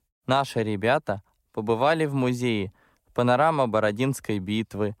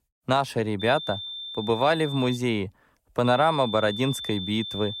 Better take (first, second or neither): first